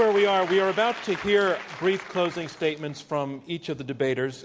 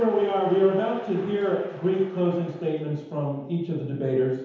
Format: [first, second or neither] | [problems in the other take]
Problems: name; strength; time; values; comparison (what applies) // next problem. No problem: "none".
first | room echo; dies away in 0.9 s